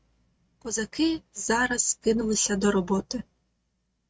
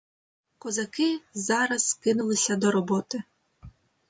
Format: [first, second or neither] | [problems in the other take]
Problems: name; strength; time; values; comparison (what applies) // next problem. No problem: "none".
second | noise reduction (neural mask model RNNoise)